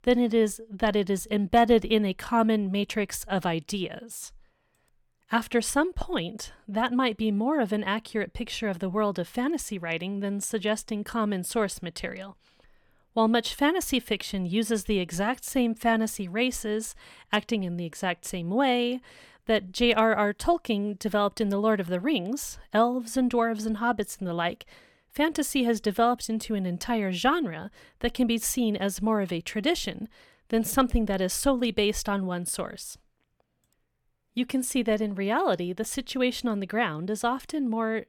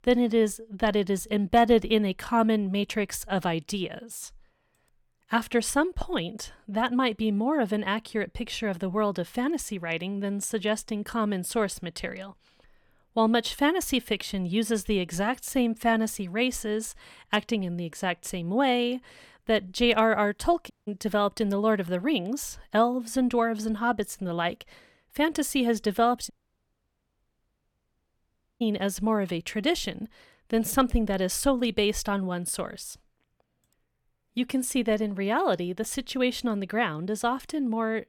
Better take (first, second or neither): first